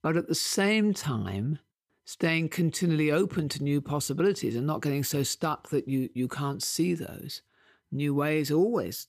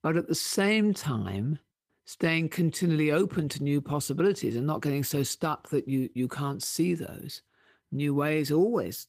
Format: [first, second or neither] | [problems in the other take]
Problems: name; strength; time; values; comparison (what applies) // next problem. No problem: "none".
first | garbled, watery; slightly; nothing above 15 kHz